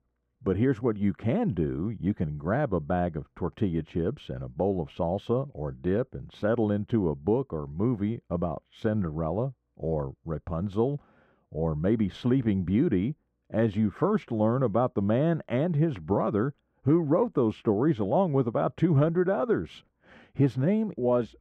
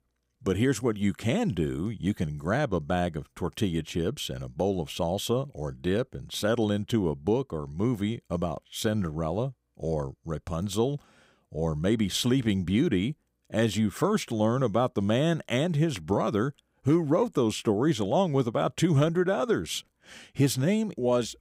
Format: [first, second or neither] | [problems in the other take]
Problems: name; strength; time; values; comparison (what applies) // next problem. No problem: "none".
second | muffled; very; fading above 3.5 kHz